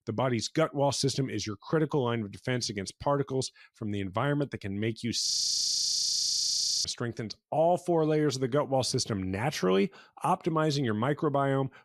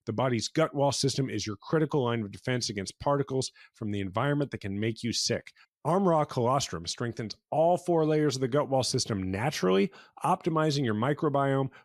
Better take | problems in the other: second | audio freezing; at 5.5 s for 1.5 s

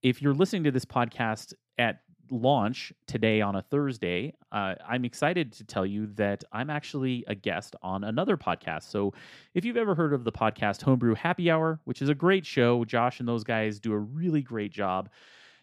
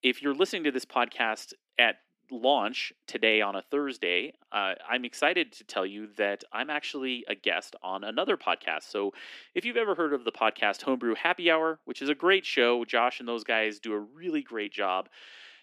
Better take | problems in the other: first | thin; somewhat; fading below 300 Hz

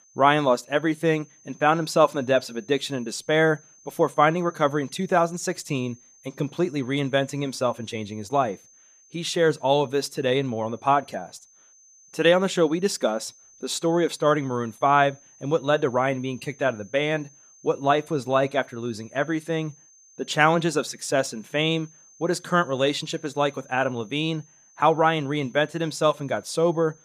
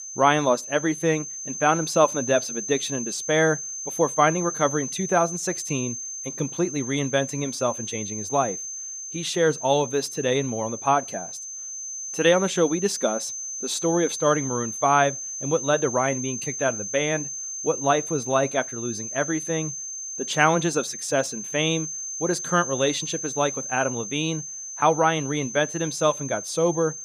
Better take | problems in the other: first | high-pitched whine; loud; throughout; 6.5 kHz, 7 dB below the speech; faint in the first

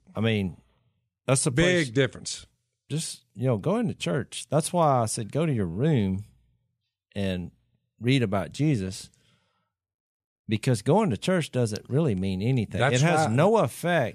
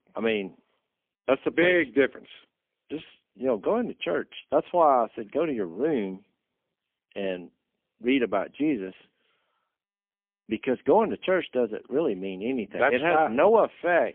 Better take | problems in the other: first | phone-call audio; poor line; nothing above 3.5 kHz

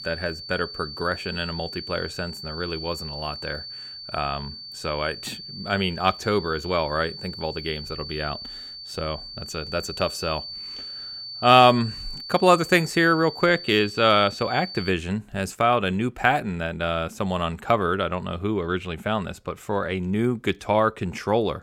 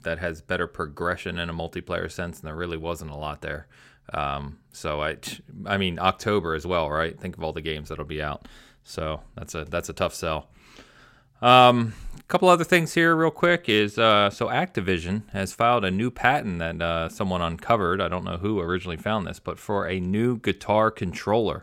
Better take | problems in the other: second | high-pitched whine; noticeable; until 15 s; 4.5 kHz, 10 dB below the speech

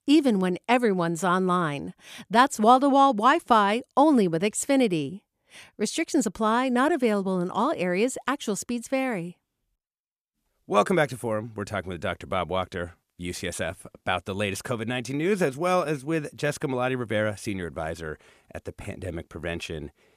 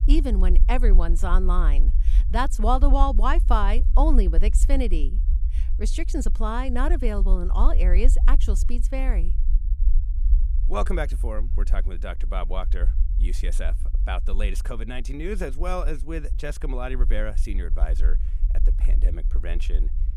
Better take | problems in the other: first | low rumble; noticeable; throughout; 20 dB below the speech

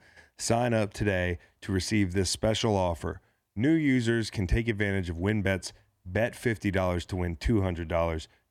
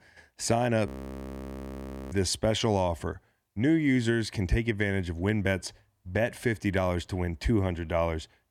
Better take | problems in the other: first | audio freezing; at 1 s for 1.5 s

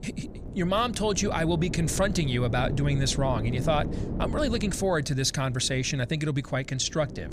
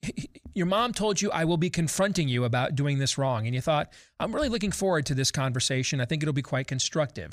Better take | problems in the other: second | wind noise on the microphone; occasional gusts; 15 dB below the speech

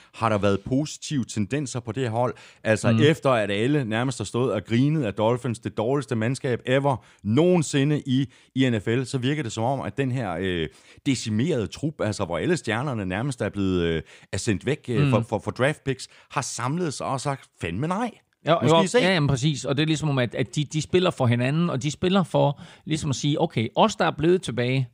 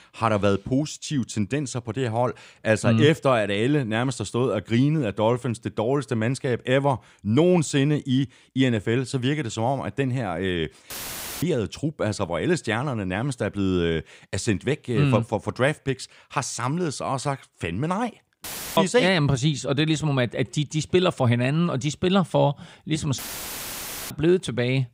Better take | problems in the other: first | audio cutting out; filled with static; at 11 s for 0.5 s, at 18 s and at 23 s for 1 s

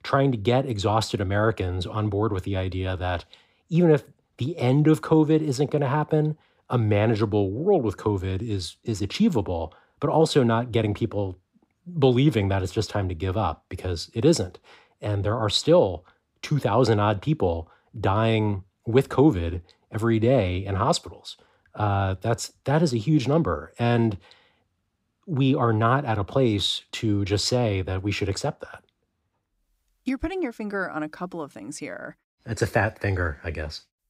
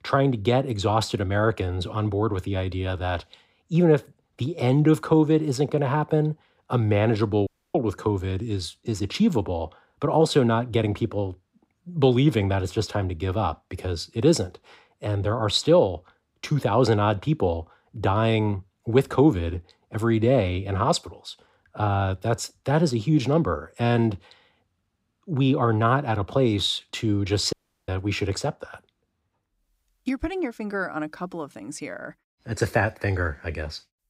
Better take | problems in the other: first | audio cutting out; at 7.5 s and at 28 s

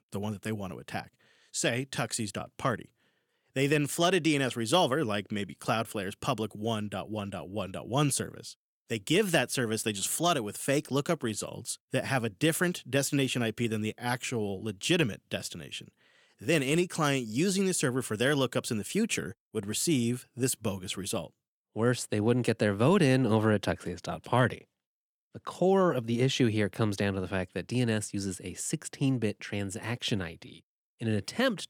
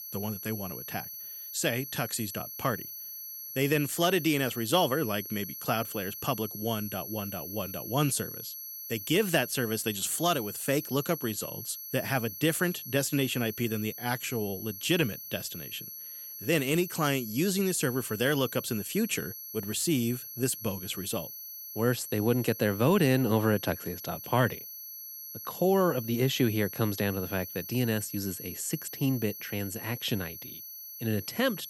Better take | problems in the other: first | high-pitched whine; loud; throughout; 11.5 kHz, 9 dB below the speech

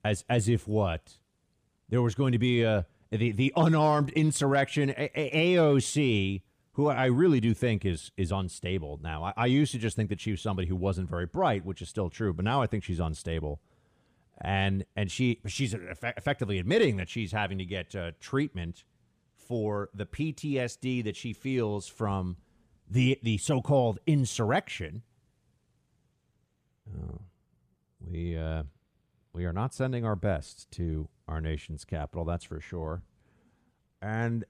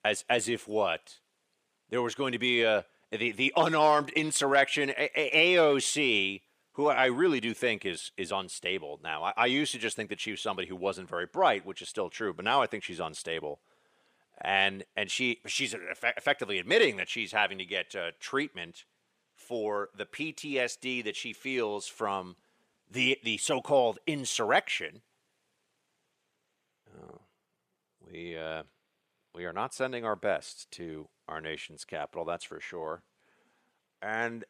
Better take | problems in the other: first | thin; somewhat; fading below 450 Hz

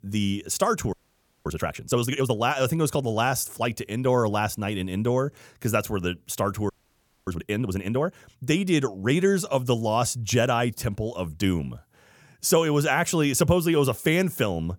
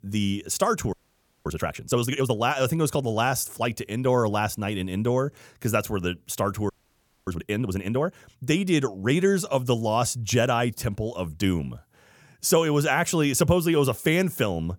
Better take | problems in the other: neither | audio freezing; at 1 s for 0.5 s and at 6.5 s for 0.5 s; the same in both

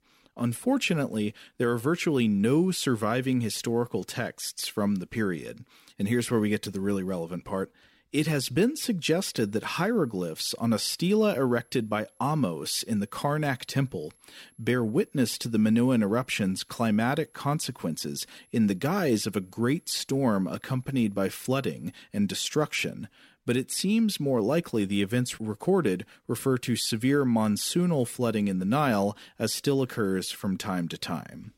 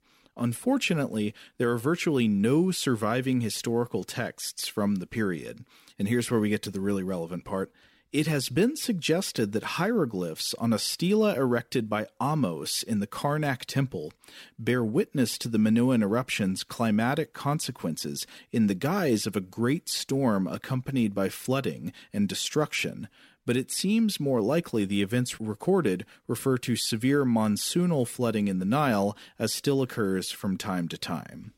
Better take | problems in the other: second | high-pitched whine; faint; from 9.5 to 22 s; 11 kHz, 35 dB below the speech

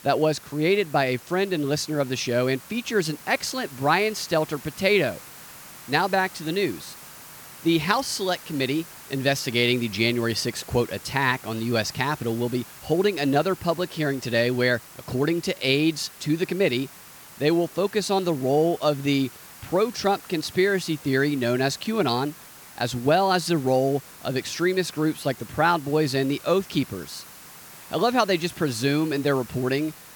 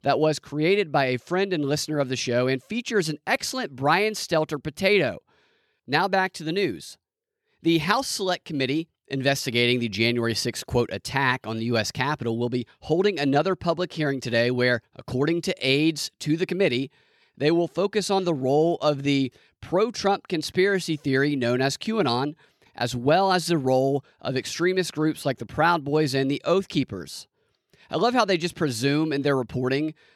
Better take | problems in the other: second | hiss; noticeable; throughout; 20 dB below the speech

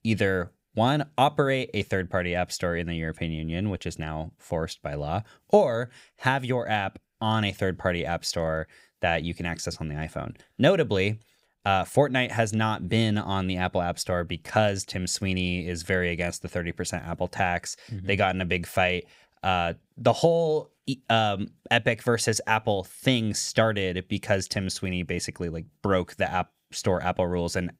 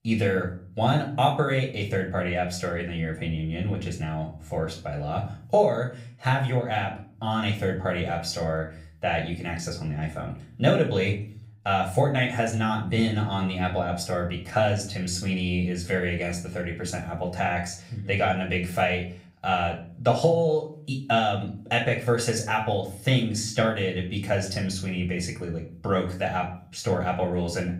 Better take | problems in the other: first | off-mic speech; far // room echo; slight; dies away in 0.4 s

